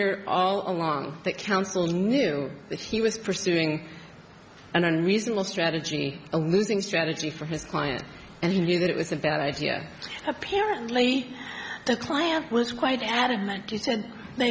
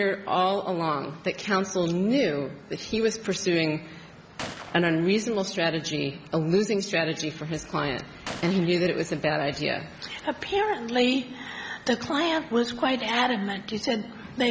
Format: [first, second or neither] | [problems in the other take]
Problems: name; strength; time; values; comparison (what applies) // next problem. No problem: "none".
first | background sound (Gunshot, gunfire); 17 dB below the speech